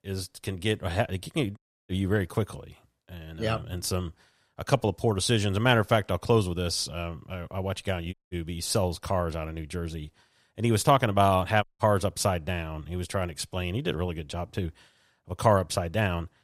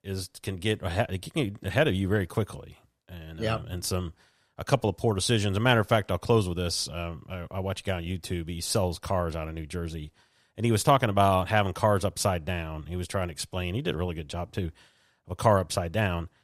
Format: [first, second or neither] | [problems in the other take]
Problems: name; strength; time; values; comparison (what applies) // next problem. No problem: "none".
second | audio cutting out; at 1.5 s, at 8 s and at 12 s